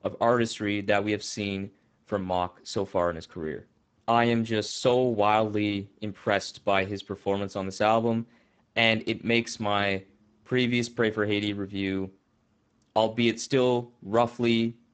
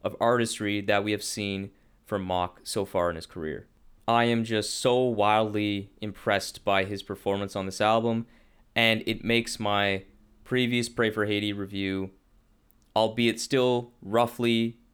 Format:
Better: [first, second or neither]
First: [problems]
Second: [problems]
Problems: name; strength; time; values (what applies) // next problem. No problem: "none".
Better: second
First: garbled, watery; badly; nothing above 8 kHz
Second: none